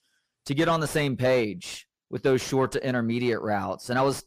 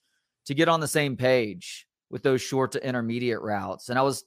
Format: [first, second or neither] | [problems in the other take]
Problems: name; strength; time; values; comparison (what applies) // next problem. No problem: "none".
second | distortion; slight; 10 dB below the speech